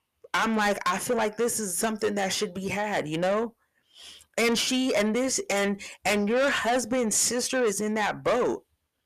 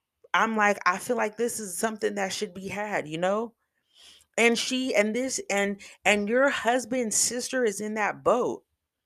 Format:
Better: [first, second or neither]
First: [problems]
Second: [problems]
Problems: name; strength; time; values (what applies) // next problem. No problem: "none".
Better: second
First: distortion; heavy; 7 dB below the speech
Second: none